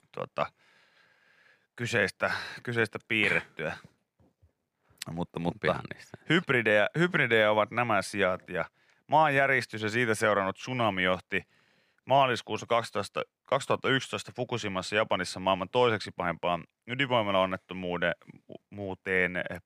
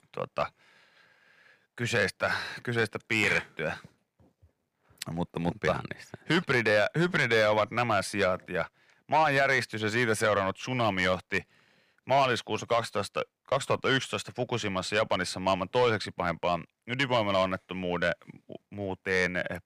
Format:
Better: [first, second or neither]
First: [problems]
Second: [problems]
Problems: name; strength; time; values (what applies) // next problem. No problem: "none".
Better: first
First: none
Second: distortion; slight; 10 dB below the speech